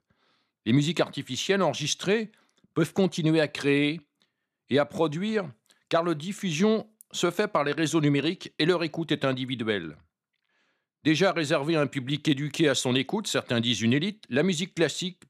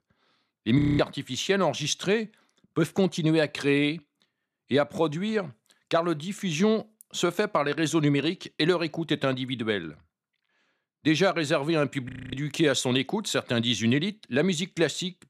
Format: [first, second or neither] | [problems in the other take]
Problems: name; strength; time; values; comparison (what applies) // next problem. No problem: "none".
first | audio freezing; at 1 s and at 12 s